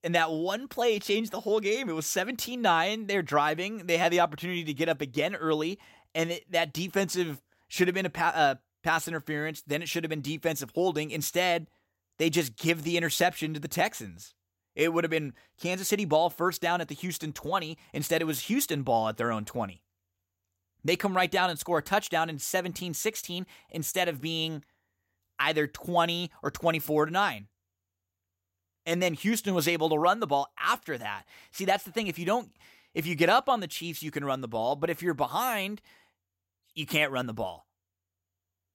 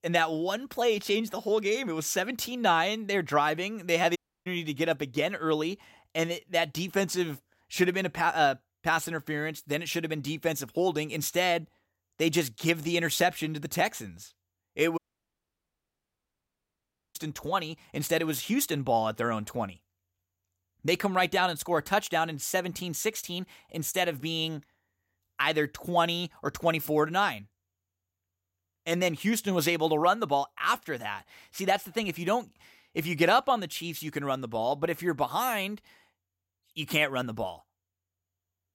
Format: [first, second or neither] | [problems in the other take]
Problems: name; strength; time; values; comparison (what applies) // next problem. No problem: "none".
first | audio cutting out; at 4 s and at 15 s for 2 s